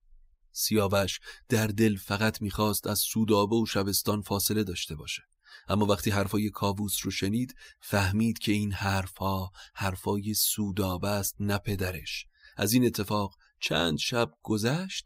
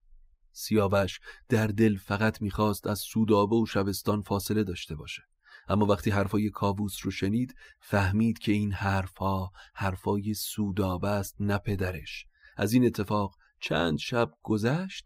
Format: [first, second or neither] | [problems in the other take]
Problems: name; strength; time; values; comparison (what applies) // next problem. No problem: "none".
first | muffled; slightly; fading above 3 kHz